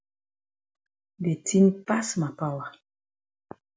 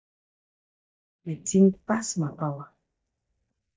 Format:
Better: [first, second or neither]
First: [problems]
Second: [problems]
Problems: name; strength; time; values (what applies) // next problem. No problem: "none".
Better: first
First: none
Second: noise reduction (neural mask model DeepFilterNet 3)